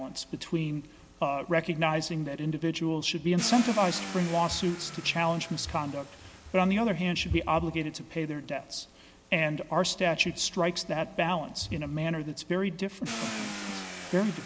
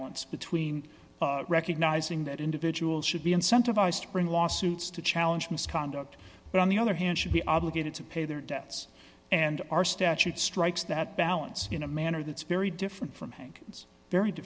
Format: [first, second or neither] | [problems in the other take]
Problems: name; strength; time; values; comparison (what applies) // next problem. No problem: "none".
second | background sound (Car); 14 dB below the speech